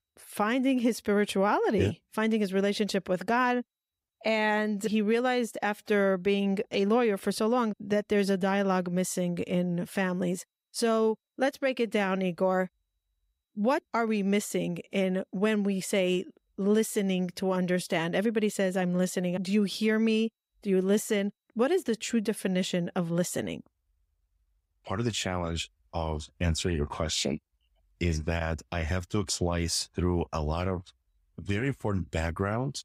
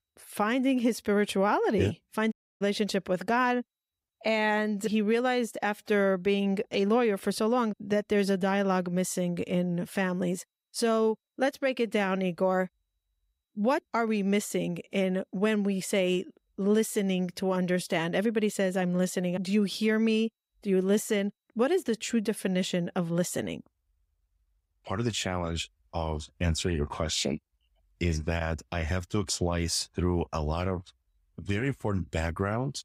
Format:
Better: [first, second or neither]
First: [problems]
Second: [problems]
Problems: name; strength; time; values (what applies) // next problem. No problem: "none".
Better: first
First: none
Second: audio cutting out; at 2.5 s